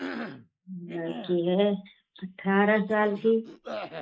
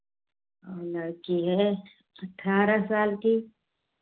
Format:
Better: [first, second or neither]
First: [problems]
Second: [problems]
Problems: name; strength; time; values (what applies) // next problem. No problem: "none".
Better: second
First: noise reduction (neural mask model Resemble Enhance denoiser)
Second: none